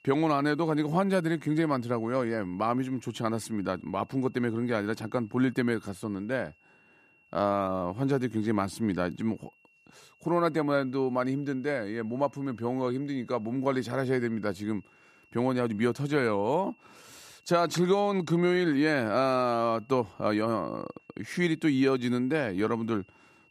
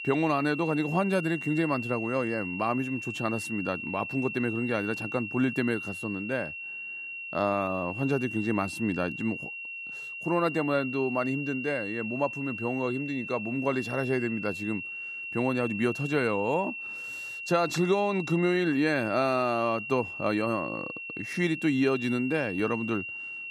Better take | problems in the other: first | high-pitched whine; loud; throughout; 2.5 kHz, 6 dB below the speech; faint in the first

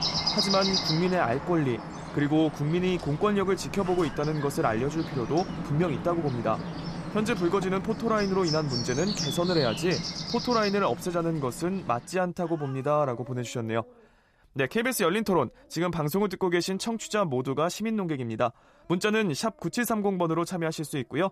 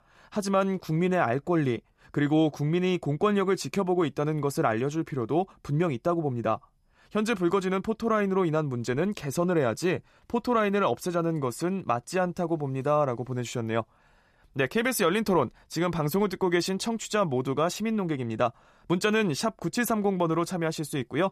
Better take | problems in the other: second | animal sounds; loud; throughout; 5 dB below the speech

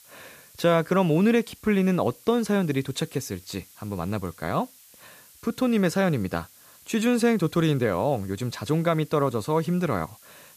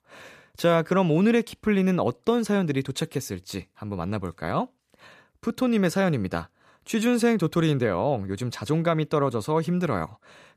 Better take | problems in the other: second | hiss; faint; throughout; 25 dB below the speech

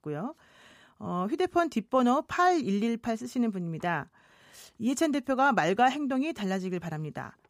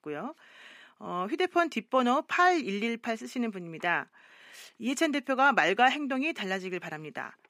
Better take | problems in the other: first | thin; very slightly; fading below 300 Hz

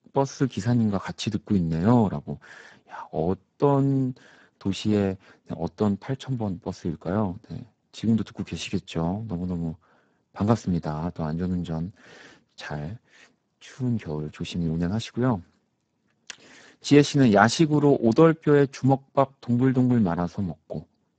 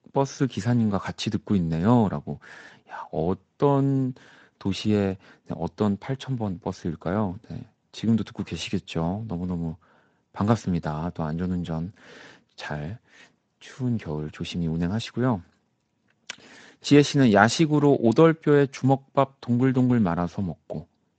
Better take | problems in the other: second | garbled, watery; badly; nothing above 7.5 kHz; slightly in the second

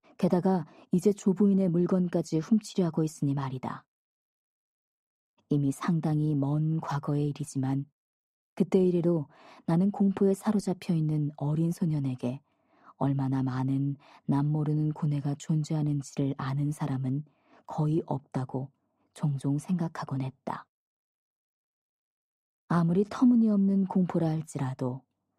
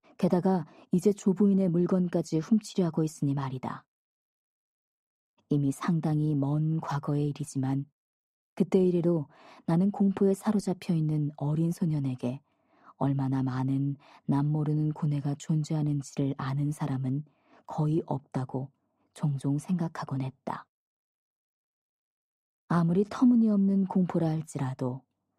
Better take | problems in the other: neither | muffled; very; fading above 1.5 kHz; the same in both

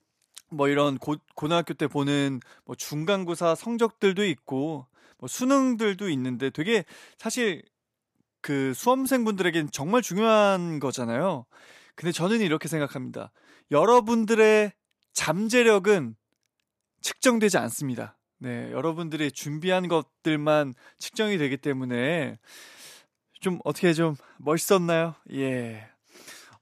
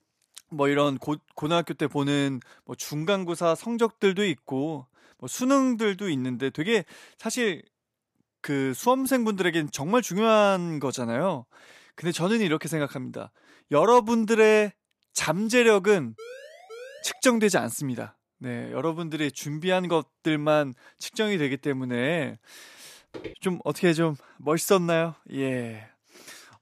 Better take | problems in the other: first | siren; faint; from 16 to 17 s; peak 15 dB below the speech // footsteps; faint; at 23 s; peak 15 dB below the speech

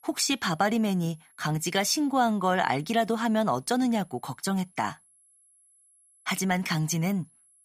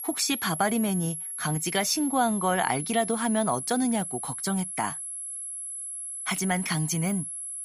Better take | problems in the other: first | high-pitched whine; loud; throughout; 11 kHz, 5 dB below the speech; faint in the first

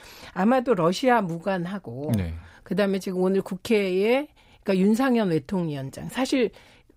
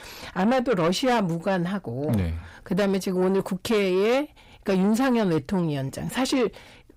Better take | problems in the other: first | distortion; slight; 10 dB below the speech

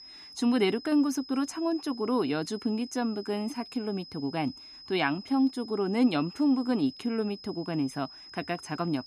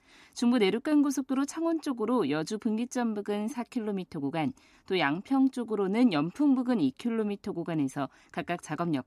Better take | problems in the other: second | high-pitched whine; noticeable; throughout; 5 kHz, 15 dB below the speech

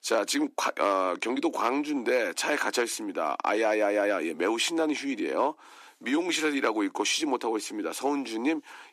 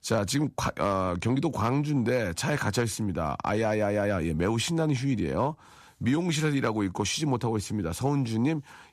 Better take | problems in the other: second | thin; somewhat; fading below 300 Hz

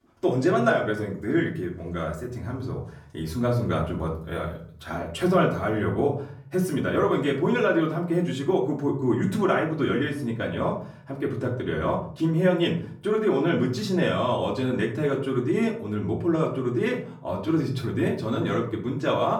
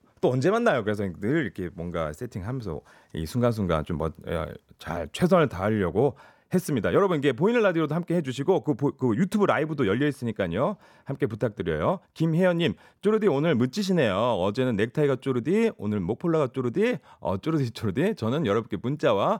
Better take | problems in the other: second | off-mic speech; far // room echo; slight; dies away in 0.4 s

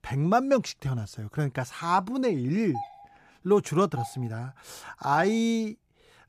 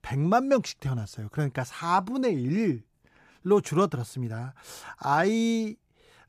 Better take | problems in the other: second | doorbell; faint; from 2.5 to 5.5 s; peak 10 dB below the speech

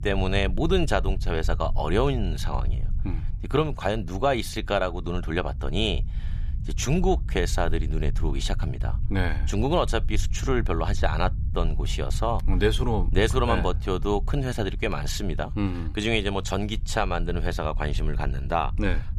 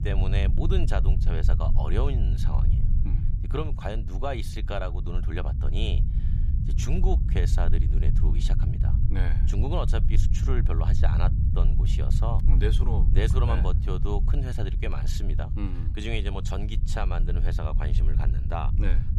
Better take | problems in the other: first | low rumble; loud; throughout; 7 dB below the speech; faint in the first

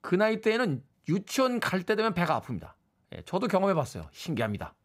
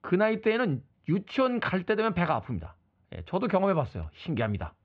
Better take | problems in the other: first | muffled; slightly; fading above 3 kHz

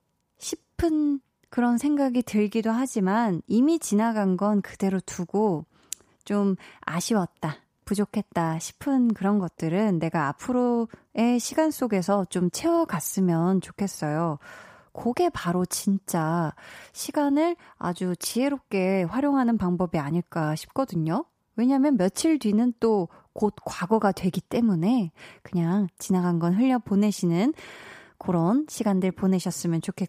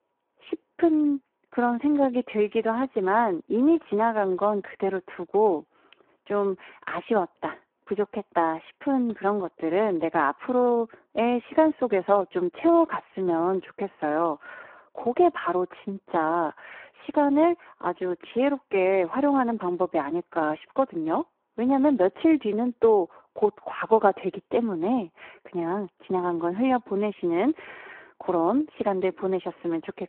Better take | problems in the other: first | phone-call audio; poor line

